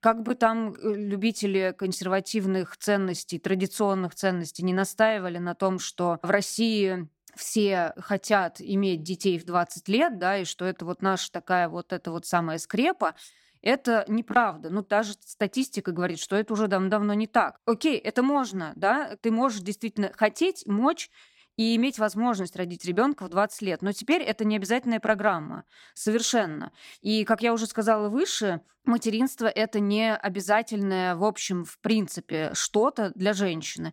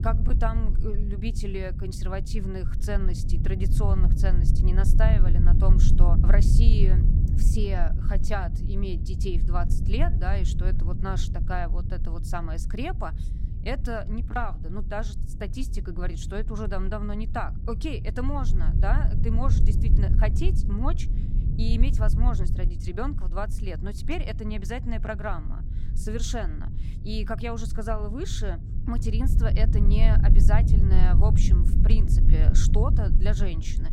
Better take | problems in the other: first | low rumble; loud; throughout; 7 dB below the speech

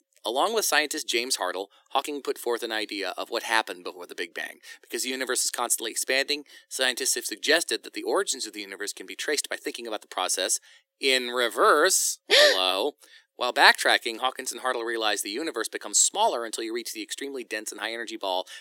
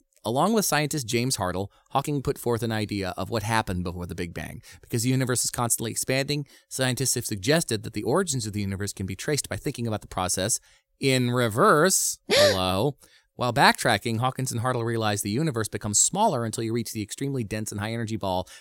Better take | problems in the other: second | thin; very; fading below 300 Hz

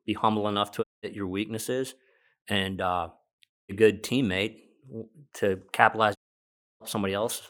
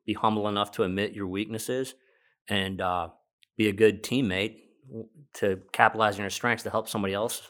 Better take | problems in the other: second | audio cutting out; at 1 s, at 3.5 s and at 6 s for 0.5 s

